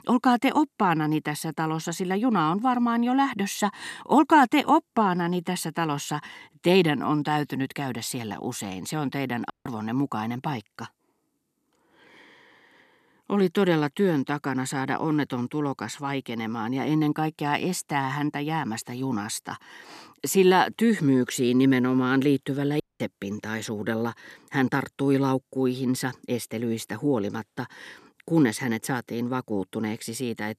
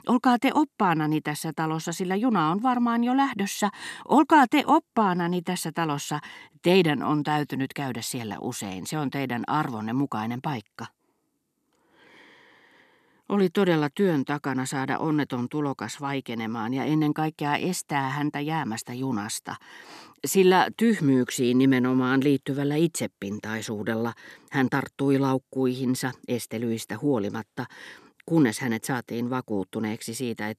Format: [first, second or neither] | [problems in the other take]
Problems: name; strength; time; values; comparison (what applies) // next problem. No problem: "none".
second | audio cutting out; at 9.5 s and at 23 s